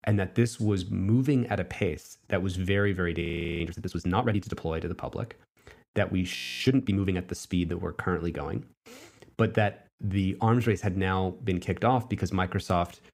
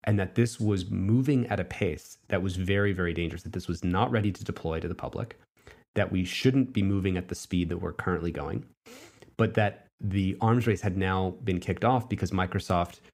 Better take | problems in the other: second | audio freezing; at 3 s and at 6.5 s

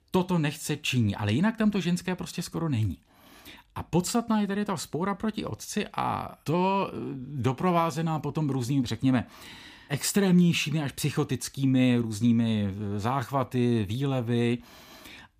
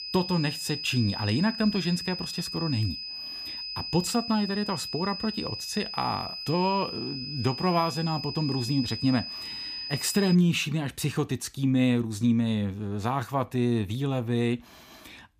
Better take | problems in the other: first | high-pitched whine; loud; until 10 s; 5 kHz, 6 dB below the speech

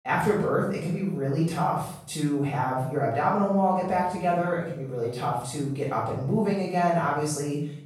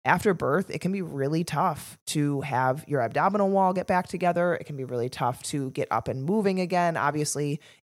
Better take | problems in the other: second | off-mic speech; far // room echo; noticeable; dies away in 0.6 s

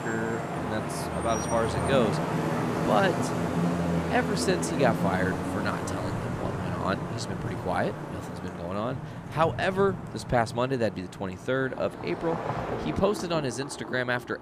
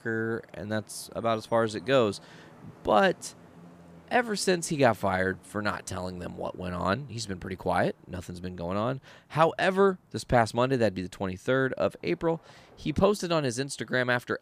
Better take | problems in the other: second | traffic noise; loud; throughout; 2 dB below the speech; faint in the second

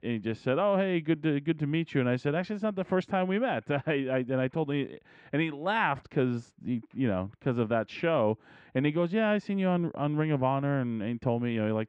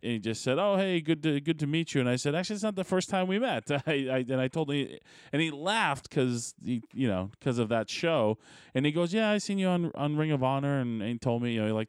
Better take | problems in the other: second | muffled; very; fading above 2 kHz

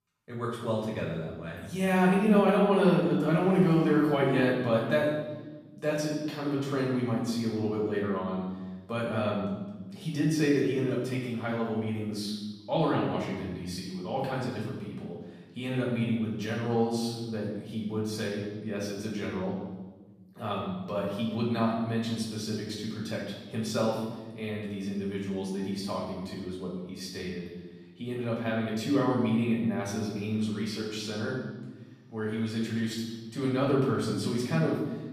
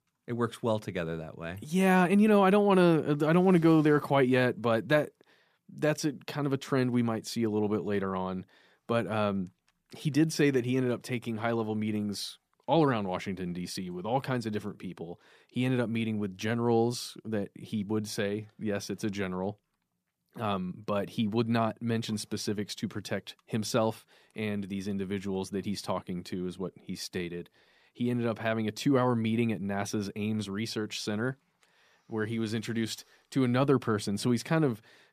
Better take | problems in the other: second | off-mic speech; far // room echo; noticeable; dies away in 1.1 s

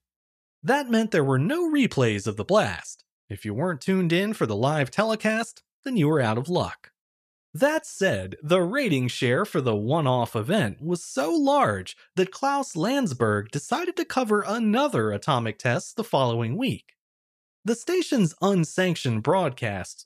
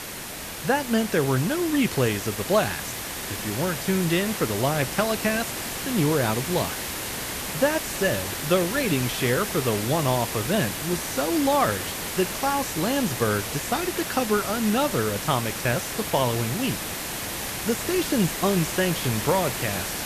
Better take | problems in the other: first | hiss; loud; throughout; 4 dB below the speech

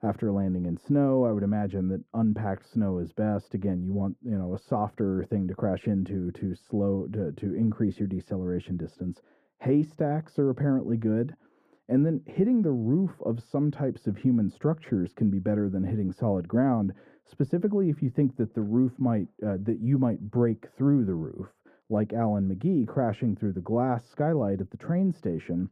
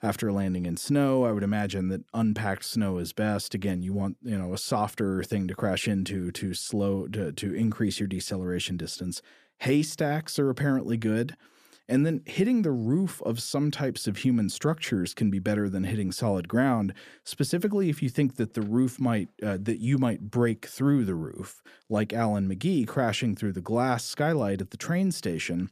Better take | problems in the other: second | muffled; very; fading above 2 kHz

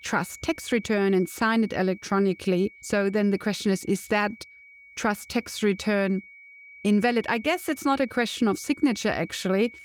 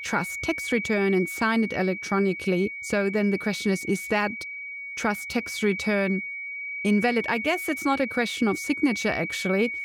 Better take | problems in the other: first | high-pitched whine; loud; throughout; 2.5 kHz, 6 dB below the speech; faint in the first

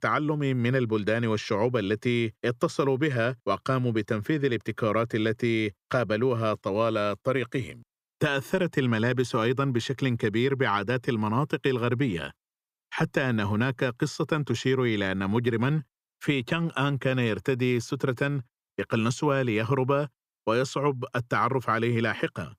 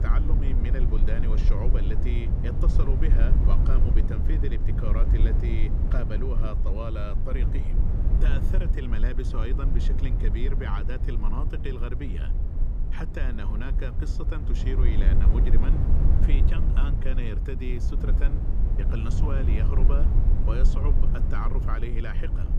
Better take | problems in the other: first | low rumble; loud; throughout; 3 dB below the speech

